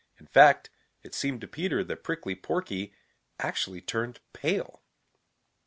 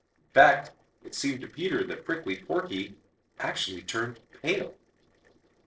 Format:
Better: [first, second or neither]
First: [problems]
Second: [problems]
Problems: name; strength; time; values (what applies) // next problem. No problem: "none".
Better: first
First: none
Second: noise reduction (neural separator model SepFormer DNS4)